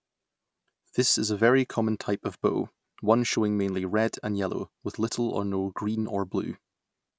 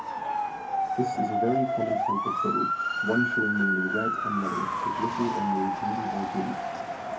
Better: first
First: none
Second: background sound (Motor vehicle (road) / Siren); 3 dB above the speech // room echo; dies away in 0.3 s

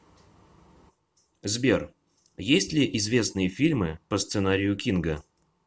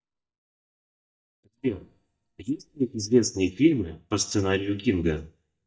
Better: first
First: none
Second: noise reduction (neural mask model DeepFilterNet 3)

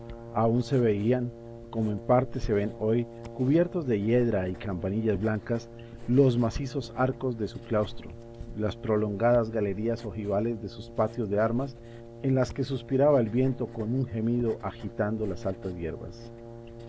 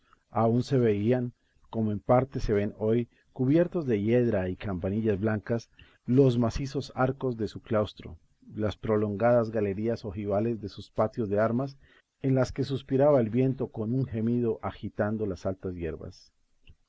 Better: second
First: background sound (Brass instrument + Writing); 14 dB below the speech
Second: none

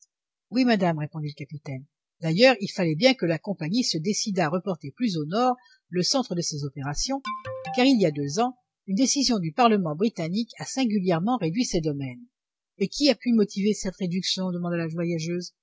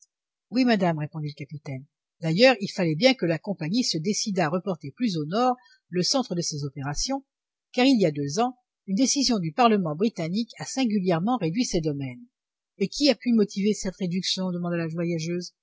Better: second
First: background sound (Alarm); 12 dB below the speech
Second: none

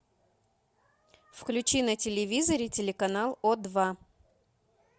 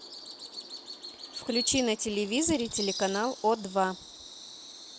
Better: first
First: none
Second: background sound (Bird vocalization, bird call, bird song); 10 dB below the speech

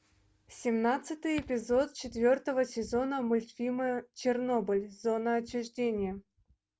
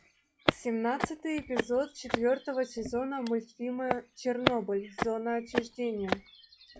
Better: first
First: none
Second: noise reduction (classical method log-MMSE)

